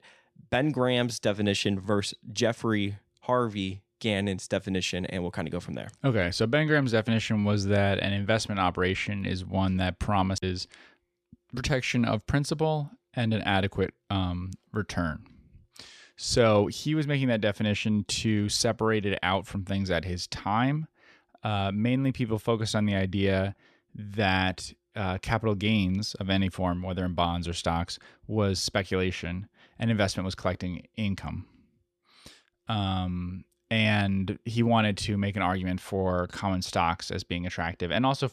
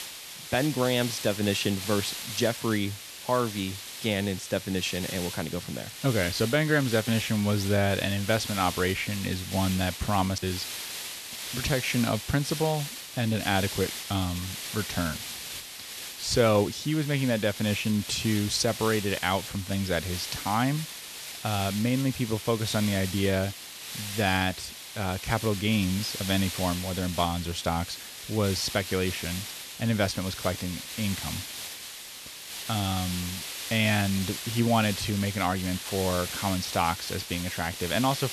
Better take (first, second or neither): first